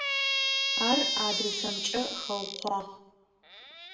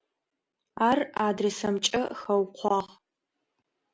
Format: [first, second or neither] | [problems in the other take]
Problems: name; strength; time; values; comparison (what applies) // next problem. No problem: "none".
second | background sound (Squeak); 3 dB above the speech // room echo; dies away in 0.7 s